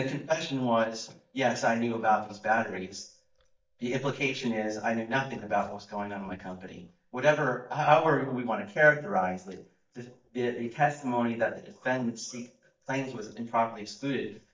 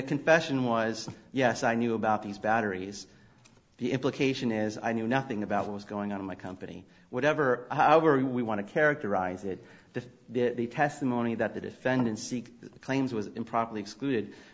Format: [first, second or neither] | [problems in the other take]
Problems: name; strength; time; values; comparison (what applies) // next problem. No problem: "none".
second | noise reduction (neural mask model DeepFilterNet 3)